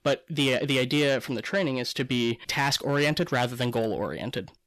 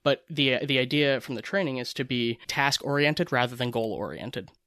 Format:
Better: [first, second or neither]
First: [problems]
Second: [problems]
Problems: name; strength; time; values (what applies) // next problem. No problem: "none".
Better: second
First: distortion; slight; 10 dB below the speech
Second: none